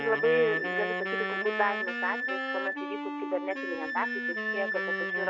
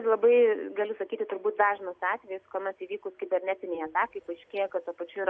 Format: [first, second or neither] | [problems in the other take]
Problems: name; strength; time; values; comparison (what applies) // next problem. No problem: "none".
second | background sound (Wind instrument, woodwind instrument + Wind instrument, woodwind instrument); as loud as the speech